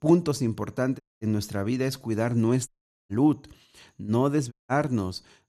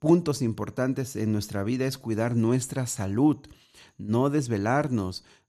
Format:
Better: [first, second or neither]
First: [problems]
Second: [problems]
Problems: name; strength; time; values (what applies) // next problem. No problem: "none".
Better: second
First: audio cutting out; at 1 s, at 2.5 s and at 4.5 s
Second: none